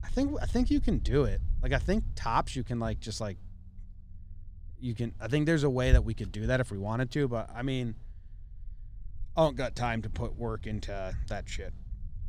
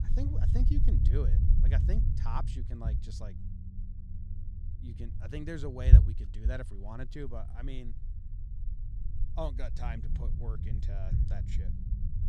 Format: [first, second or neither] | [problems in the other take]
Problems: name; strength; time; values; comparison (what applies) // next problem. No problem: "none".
first | low rumble; loud; throughout; 3 dB below the speech; faint in the first